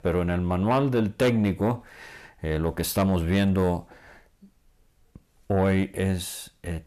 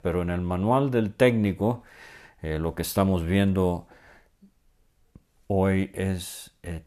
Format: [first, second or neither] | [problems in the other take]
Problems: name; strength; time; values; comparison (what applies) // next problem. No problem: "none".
second | distortion; slight; 10 dB below the speech